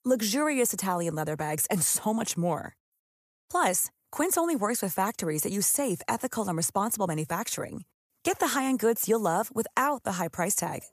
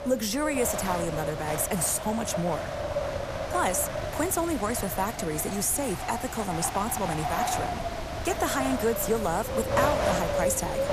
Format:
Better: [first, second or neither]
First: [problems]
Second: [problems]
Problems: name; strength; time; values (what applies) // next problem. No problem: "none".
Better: first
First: none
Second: wind noise on the microphone; heavy; 1 dB below the speech